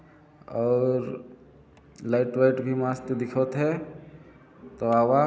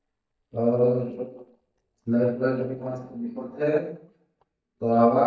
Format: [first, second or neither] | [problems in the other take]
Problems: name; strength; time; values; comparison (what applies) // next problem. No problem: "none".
first | noise reduction (neural mask model DeepFilterNet 3)